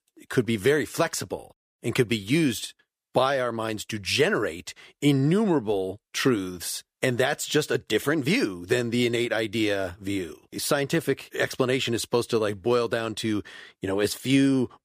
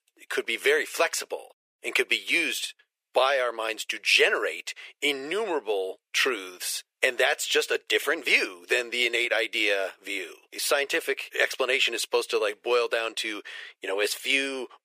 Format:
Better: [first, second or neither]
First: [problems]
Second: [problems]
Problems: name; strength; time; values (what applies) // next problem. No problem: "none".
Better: first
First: none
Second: thin; very; fading below 450 Hz